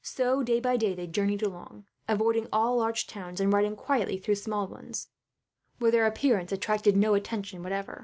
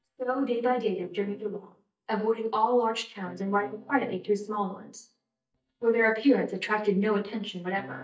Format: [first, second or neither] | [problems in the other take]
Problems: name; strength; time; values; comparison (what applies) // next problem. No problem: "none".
first | noise reduction (neural mask model DeepFilterNet 3)